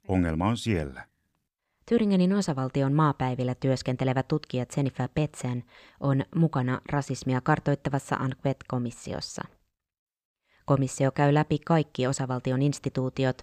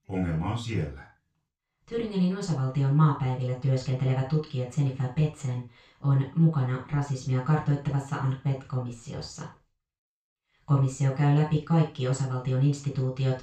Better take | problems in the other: first | room echo; noticeable; dies away in 0.3 s // off-mic speech; far

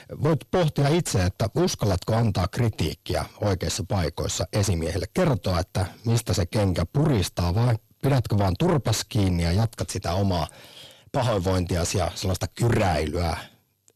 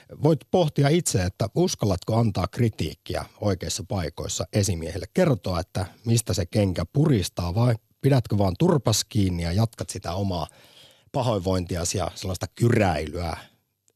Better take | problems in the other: second | distortion; heavy; 6 dB below the speech

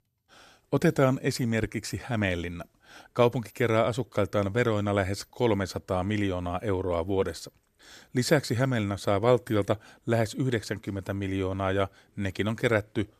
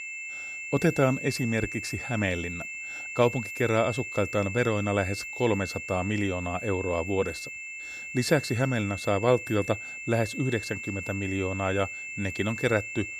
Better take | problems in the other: first | high-pitched whine; loud; throughout; 2.5 kHz, 7 dB below the speech

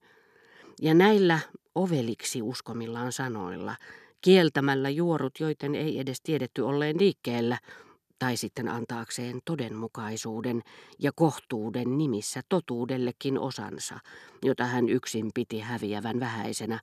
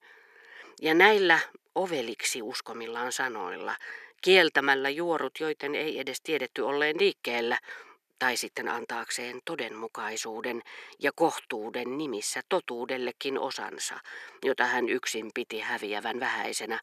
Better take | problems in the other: first | thin; very; fading below 500 Hz

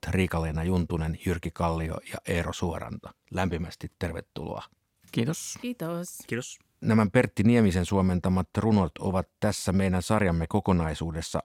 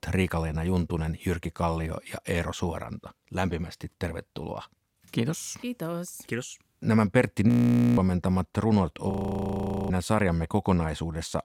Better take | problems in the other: first | audio freezing; at 7.5 s and at 9 s for 1 s

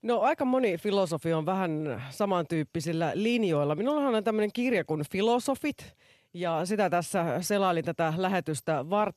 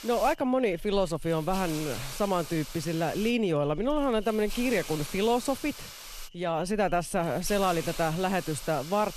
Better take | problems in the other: first | hiss; noticeable; throughout; 15 dB below the speech

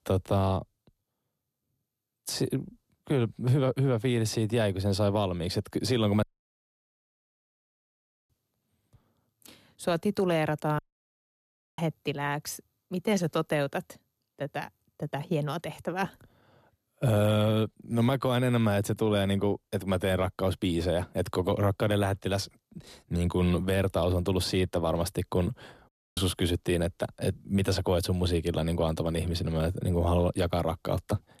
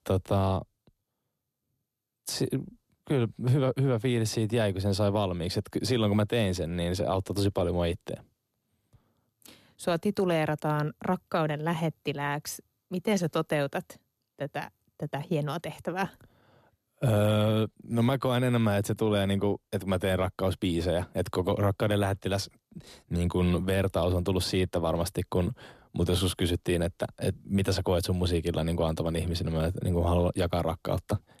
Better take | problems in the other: second | audio cutting out; at 6 s for 2 s, at 11 s for 1 s and at 26 s

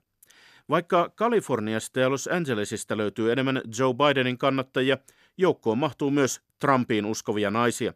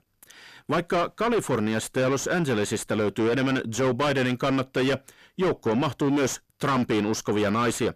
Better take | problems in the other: first | distortion; heavy; 6 dB below the speech

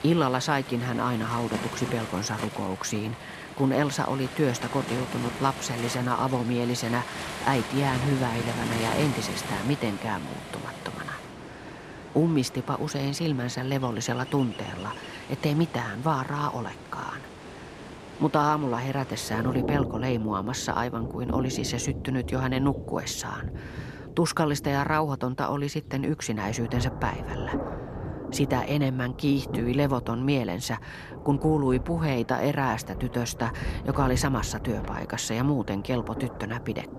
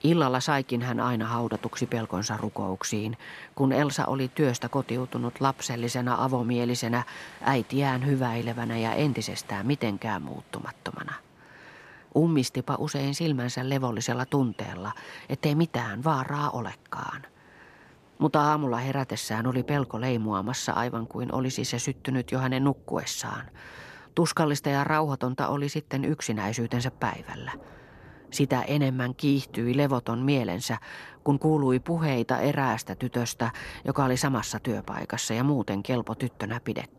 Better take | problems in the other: second | rain or running water; loud; throughout; 9 dB below the speech; faint in the second

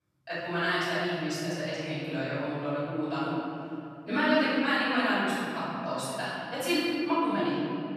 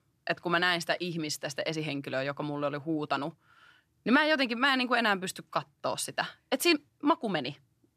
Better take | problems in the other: second | room echo; strong; dies away in 2.9 s // off-mic speech; far

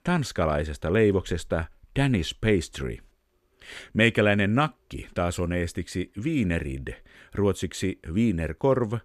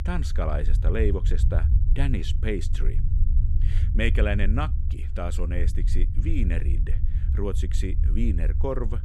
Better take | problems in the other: first | low rumble; noticeable; throughout; 10 dB below the speech

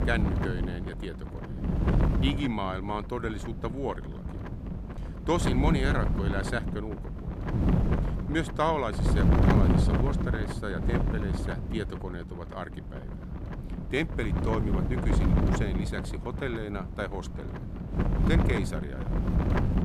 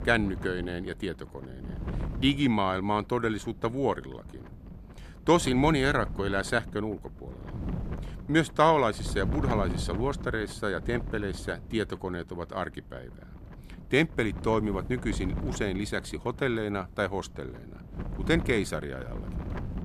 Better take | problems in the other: second | wind noise on the microphone; heavy; 3 dB below the speech; occasional gusts in the second

